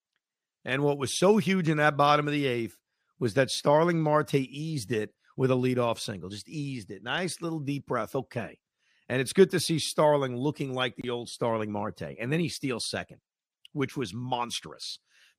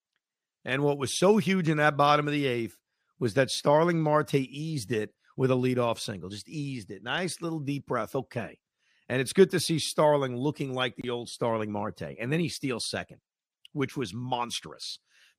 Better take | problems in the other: neither | none

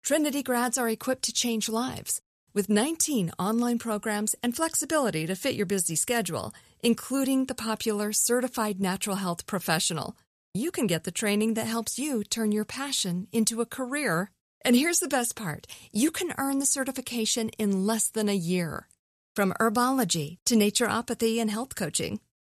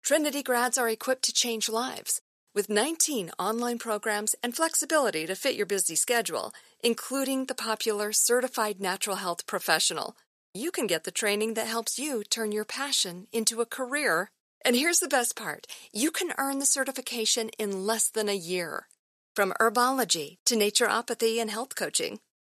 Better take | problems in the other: first | thin; somewhat; fading below 400 Hz

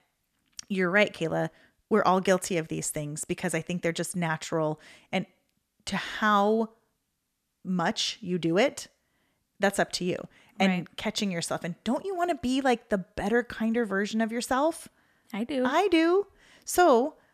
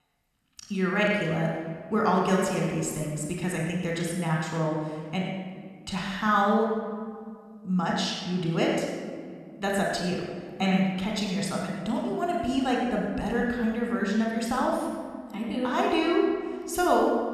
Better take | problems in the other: first | off-mic speech; somewhat distant // room echo; noticeable; dies away in 1.6 s

